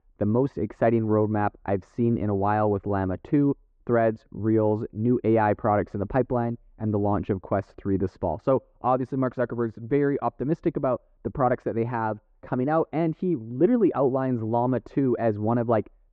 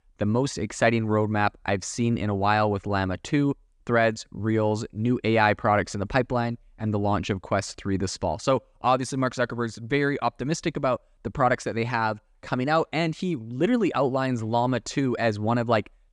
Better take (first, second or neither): second